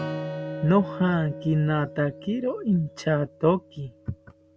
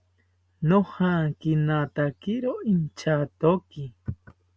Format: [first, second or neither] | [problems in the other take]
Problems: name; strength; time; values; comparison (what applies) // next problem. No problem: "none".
second | background sound (Acoustic guitar / Strum + Chink, clink); 12 dB below the speech